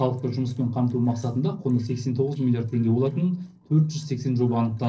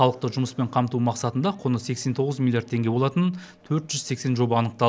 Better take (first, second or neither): second